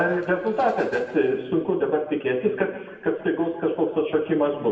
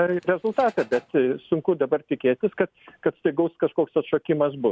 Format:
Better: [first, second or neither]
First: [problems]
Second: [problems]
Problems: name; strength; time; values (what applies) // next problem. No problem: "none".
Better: second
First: room echo; dies away in 1.3 s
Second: none